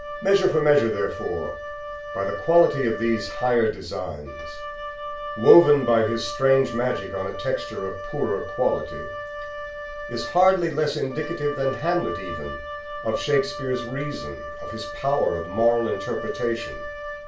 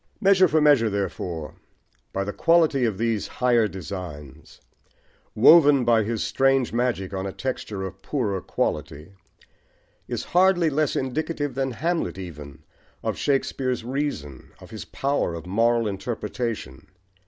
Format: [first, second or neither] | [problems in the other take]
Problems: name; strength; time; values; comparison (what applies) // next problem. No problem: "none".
second | background sound (Wind instrument, woodwind instrument); 10 dB below the speech // room echo; dies away in 0.3 s